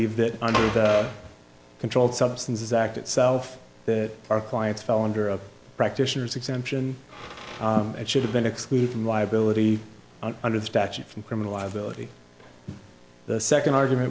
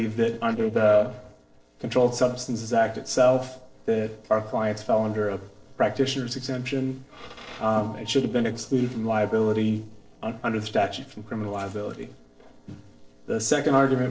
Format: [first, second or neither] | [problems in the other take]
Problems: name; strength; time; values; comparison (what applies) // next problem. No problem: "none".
first | noise reduction (neural separator model SepFormer DNS4)